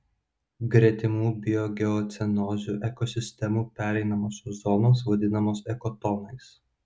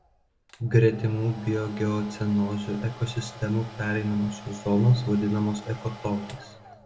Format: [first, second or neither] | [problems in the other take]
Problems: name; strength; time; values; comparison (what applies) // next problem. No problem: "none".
first | background sound (Domestic sounds, home sounds); 19 dB below the speech // room echo; dies away in 1.4 s